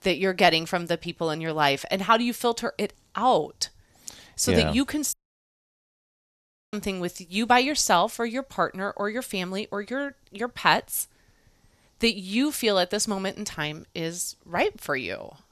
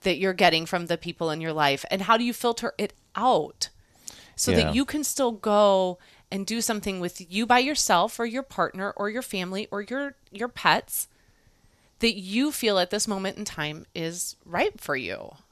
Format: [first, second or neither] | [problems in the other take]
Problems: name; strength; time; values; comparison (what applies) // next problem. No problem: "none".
second | audio cutting out; at 5 s for 1.5 s